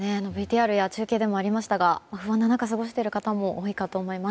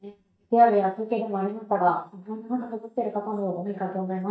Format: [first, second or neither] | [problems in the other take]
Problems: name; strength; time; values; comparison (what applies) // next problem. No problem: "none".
first | noise reduction (neural mask model DeepFilterNet 3)